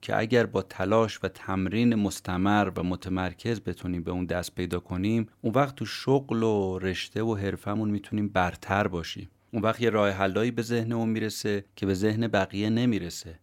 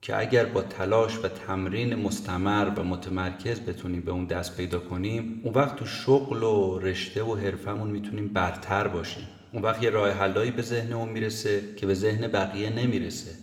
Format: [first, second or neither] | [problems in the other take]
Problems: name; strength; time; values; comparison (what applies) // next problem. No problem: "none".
first | room echo; very slight; dies away in 1.2 s